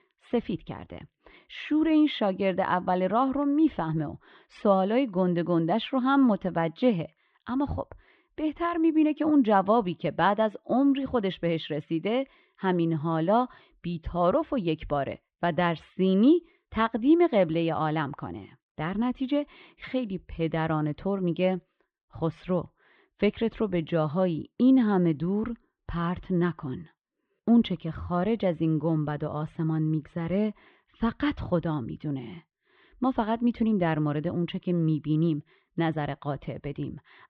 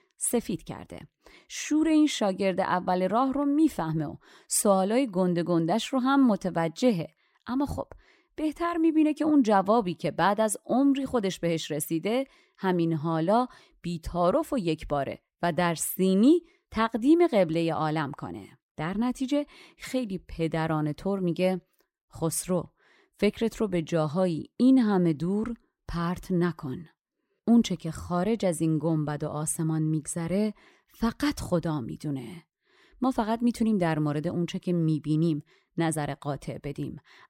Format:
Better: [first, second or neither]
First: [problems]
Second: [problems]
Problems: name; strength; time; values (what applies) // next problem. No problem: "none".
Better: second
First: muffled; very; fading above 3.5 kHz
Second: none